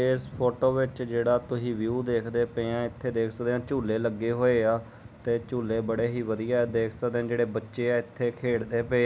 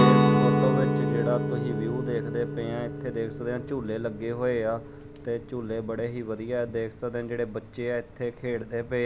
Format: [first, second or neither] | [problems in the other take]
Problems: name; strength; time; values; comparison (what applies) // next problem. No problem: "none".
first | background sound (Guitar); 2 dB above the speech